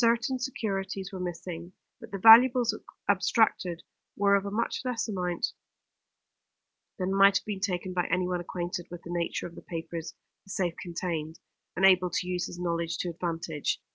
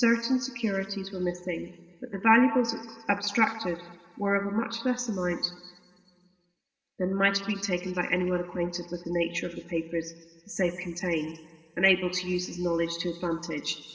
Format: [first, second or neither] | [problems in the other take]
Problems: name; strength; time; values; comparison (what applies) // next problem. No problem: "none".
first | room echo; dies away in 1.8 s